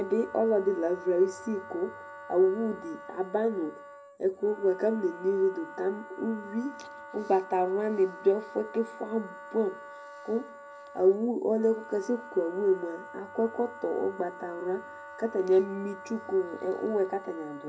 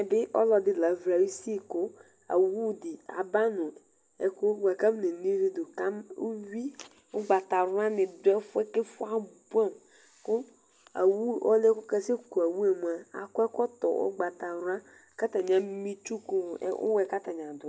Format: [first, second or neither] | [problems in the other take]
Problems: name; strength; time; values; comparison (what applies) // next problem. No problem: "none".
second | background sound (Wind instrument, woodwind instrument); 16 dB below the speech // room echo; dies away in 0.4 s